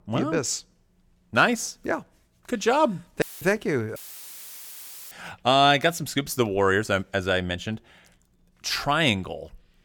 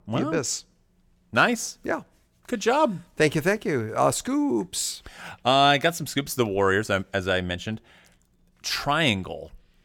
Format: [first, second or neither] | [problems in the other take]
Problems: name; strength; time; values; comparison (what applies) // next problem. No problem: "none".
second | audio cutting out; filled with static; at 3 s and at 4 s for 1 s